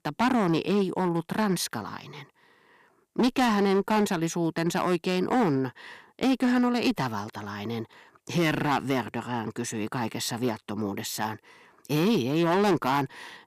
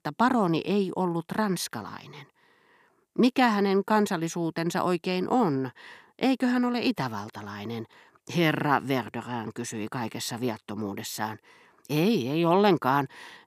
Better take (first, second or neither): second